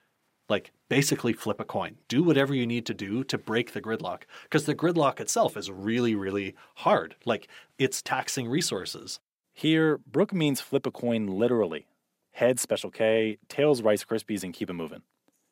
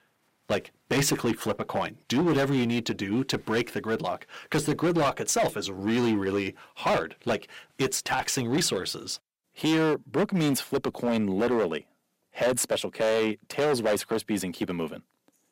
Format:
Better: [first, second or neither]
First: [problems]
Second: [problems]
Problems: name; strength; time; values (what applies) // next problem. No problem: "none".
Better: first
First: none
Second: distortion; heavy; 11% of the sound clipped